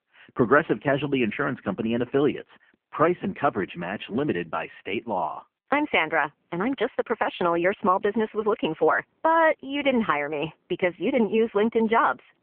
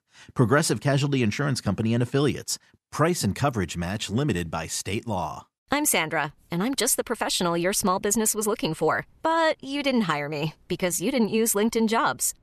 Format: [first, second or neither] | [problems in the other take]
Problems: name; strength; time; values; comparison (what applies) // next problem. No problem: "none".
second | phone-call audio; poor line